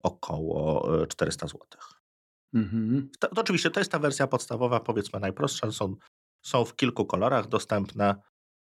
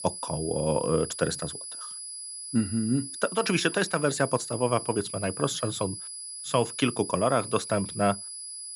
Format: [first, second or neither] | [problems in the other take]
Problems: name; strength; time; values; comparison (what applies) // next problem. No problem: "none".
first | high-pitched whine; loud; throughout; 10 kHz, 8 dB below the speech